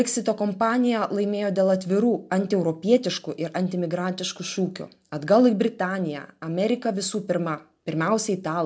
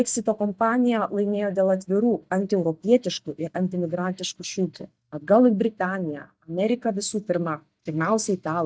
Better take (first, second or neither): first